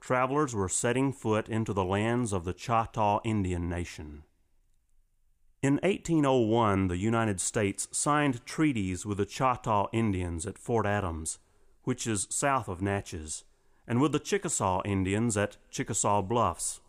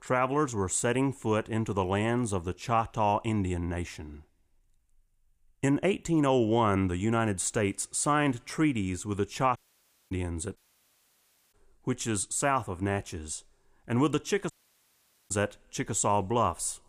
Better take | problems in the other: first | audio cutting out; at 9.5 s for 0.5 s, at 11 s for 1 s and at 15 s for 1 s

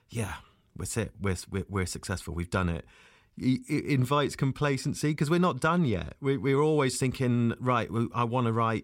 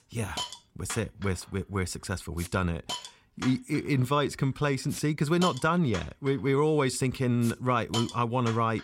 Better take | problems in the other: first | hiss; noticeable; throughout; 10 dB below the speech

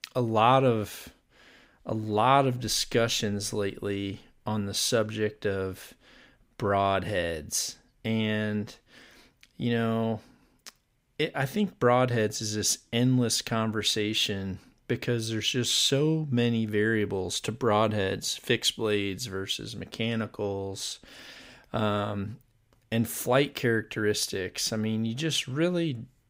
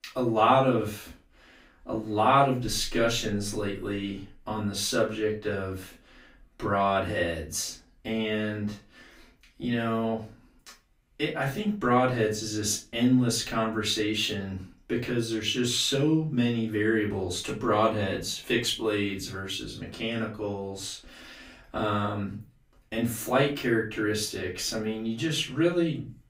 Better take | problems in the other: first | off-mic speech; far // room echo; slight; dies away in 0.2 s

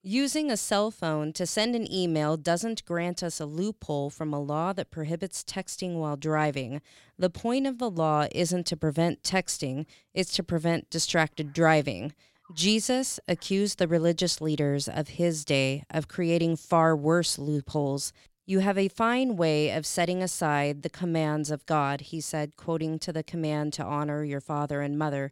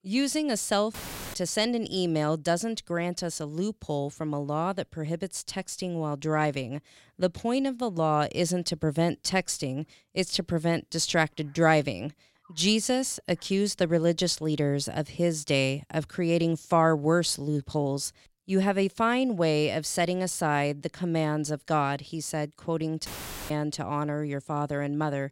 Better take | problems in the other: first | audio cutting out; filled with static; at 1 s and at 23 s

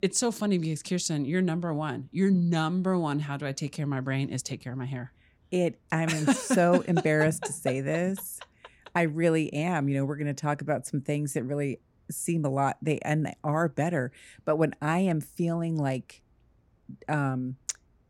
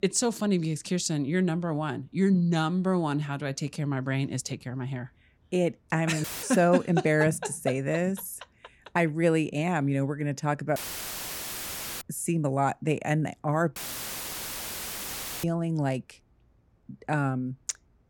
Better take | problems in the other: first | audio cutting out; filled with static; at 6 s, at 11 s for 1.5 s and at 14 s for 1.5 s

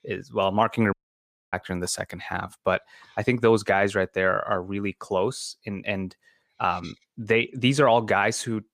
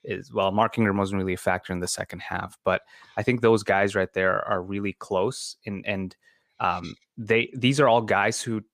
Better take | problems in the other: second | audio cutting out; at 1 s for 0.5 s

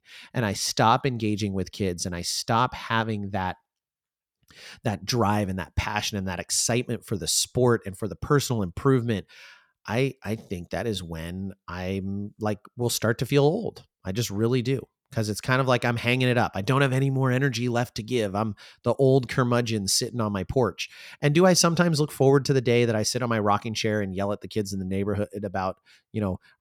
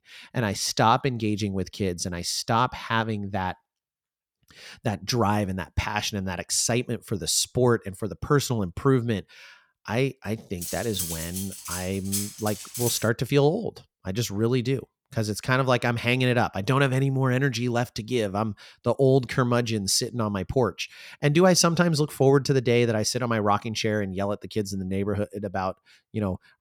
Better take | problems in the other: first | clattering dishes; noticeable; from 11 to 13 s; peak 4 dB below the speech

